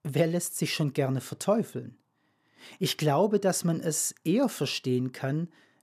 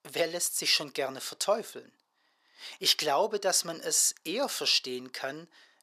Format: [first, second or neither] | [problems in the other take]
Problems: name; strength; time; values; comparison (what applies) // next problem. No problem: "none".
first | thin; very; fading below 600 Hz